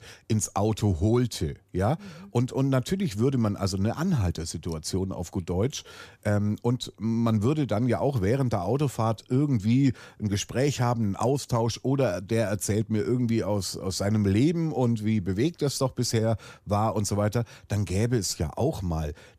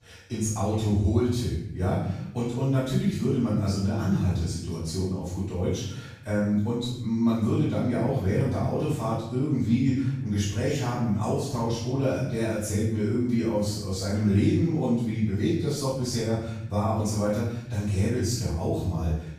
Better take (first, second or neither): first